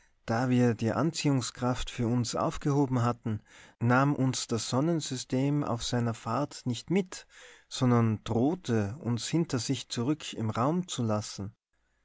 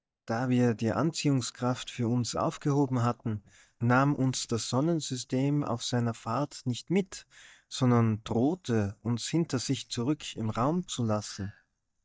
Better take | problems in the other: first | noise reduction (neural mask model DeepFilterNet 3)

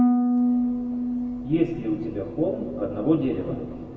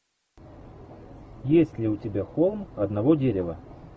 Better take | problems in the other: second | background sound (Harp); 1 dB above the speech // room echo; dies away in 2 s

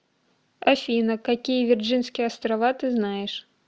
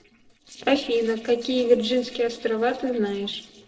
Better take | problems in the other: first | noise reduction (neural separator model SepFormer DNS4)

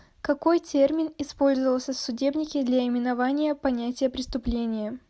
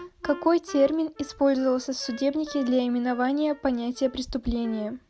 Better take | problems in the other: first | background sound (Wind instrument, woodwind instrument); 20 dB below the speech

